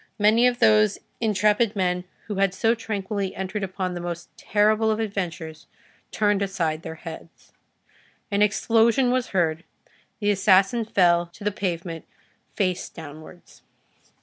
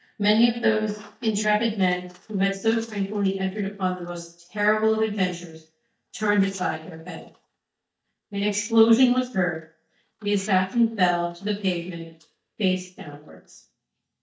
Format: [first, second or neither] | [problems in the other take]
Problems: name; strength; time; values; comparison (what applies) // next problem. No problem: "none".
first | noise reduction (neural mask model DeepFilterNet 3)